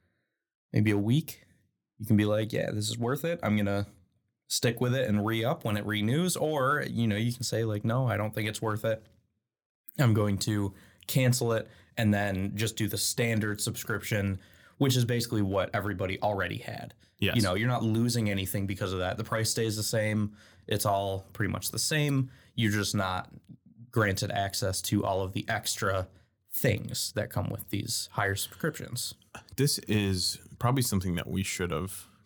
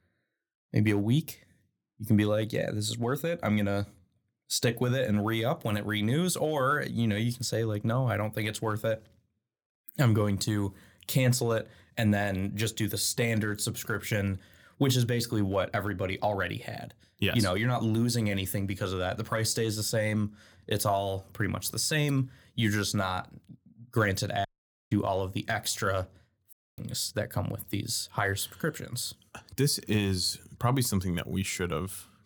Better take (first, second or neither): first